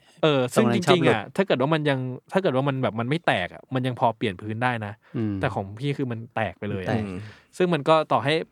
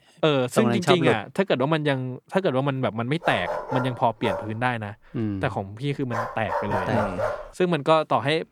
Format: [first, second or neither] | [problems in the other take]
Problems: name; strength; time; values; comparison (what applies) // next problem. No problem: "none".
first | dog barking; noticeable; from 3 to 7.5 s; peak 2 dB below the speech